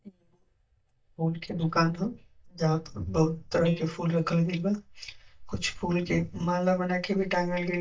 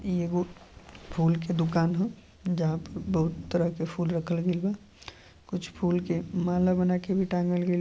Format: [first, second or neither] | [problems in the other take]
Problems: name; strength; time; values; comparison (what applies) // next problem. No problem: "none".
second | noise reduction (neural mask model DeepFilterNet 3)